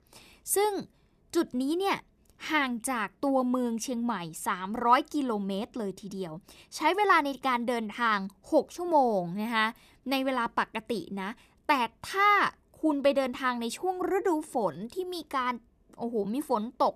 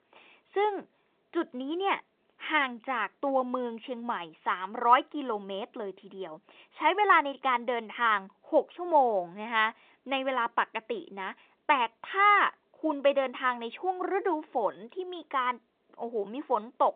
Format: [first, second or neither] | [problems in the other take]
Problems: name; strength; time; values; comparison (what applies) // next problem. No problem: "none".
first | phone-call audio